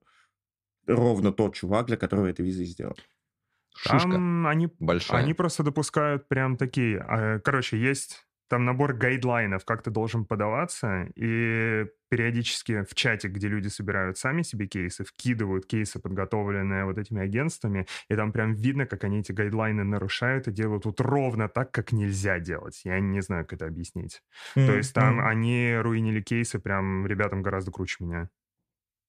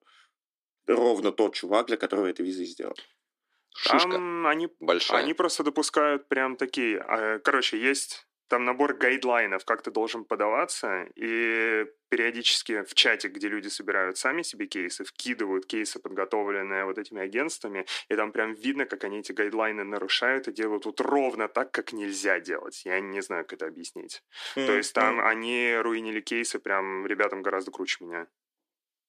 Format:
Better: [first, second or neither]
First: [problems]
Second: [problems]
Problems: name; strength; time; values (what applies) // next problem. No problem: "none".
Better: first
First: none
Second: thin; somewhat; fading below 300 Hz